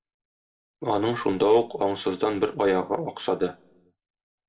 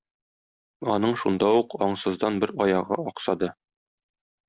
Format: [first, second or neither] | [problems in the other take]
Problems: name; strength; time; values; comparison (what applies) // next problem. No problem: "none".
second | room echo; dies away in 0.5 s